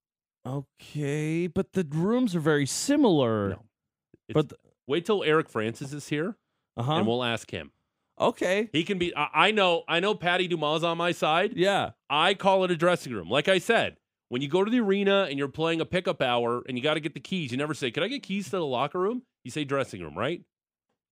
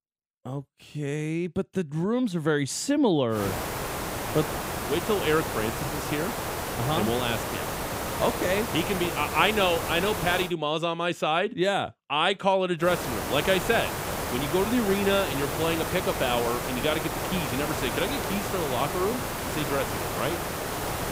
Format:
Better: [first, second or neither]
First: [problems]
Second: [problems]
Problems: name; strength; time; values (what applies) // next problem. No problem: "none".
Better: first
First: none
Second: hiss; loud; from 3.5 to 10 s and from 13 s on; 3 dB below the speech